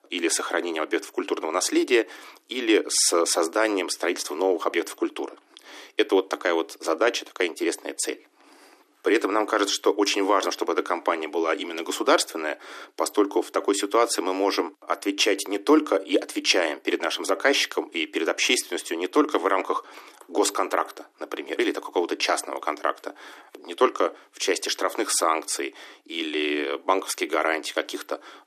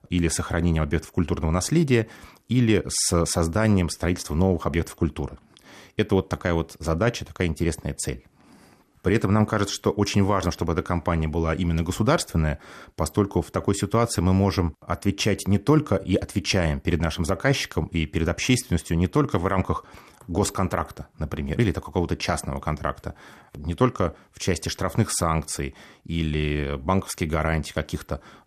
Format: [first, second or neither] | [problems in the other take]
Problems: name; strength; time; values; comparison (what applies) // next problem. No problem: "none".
second | thin; somewhat; fading below 300 Hz